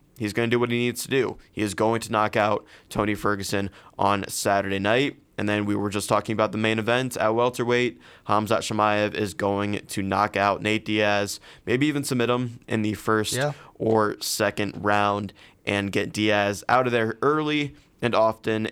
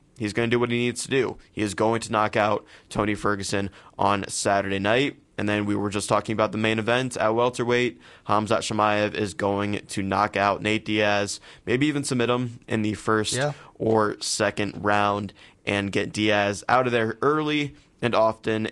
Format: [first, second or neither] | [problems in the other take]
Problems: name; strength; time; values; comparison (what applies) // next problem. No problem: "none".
first | garbled, watery; slightly; nothing above 10.5 kHz